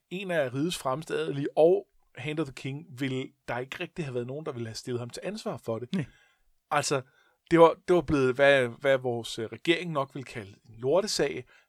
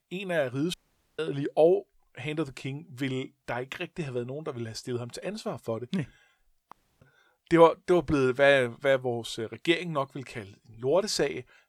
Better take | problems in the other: first | audio cutting out; at 0.5 s and at 6.5 s

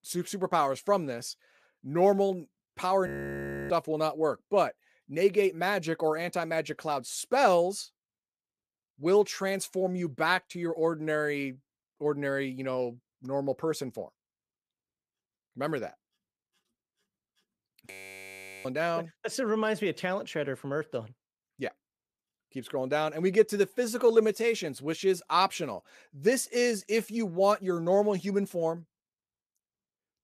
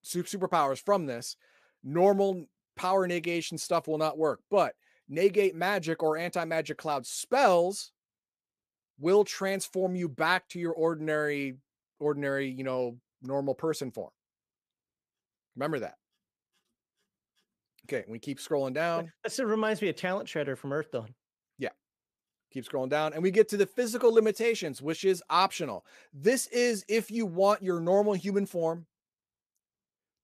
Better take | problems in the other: second | audio freezing; at 3 s for 0.5 s and at 18 s for 0.5 s

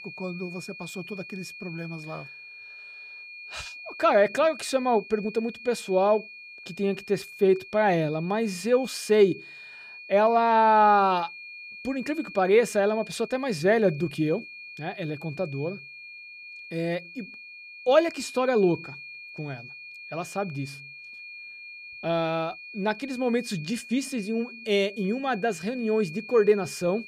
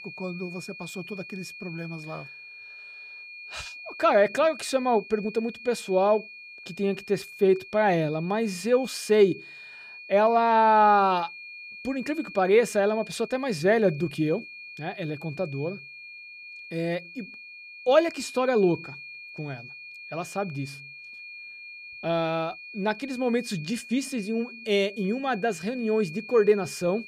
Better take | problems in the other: neither | high-pitched whine; noticeable; throughout; 2.5 kHz, 15 dB below the speech; the same in both

